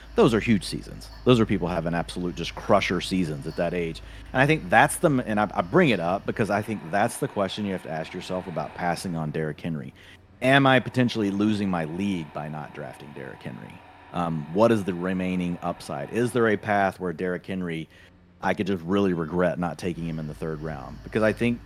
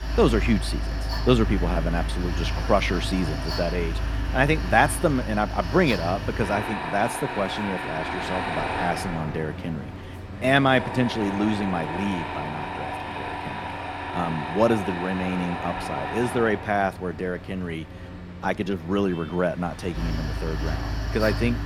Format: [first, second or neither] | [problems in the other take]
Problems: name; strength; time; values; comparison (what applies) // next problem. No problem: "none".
first | machinery noise; loud; throughout; 5 dB below the speech; faint in the first